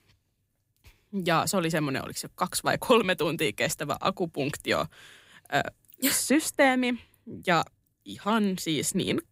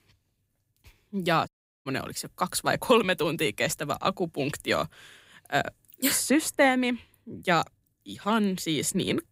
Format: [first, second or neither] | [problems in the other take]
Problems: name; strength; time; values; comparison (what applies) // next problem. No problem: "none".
first | audio cutting out; at 1.5 s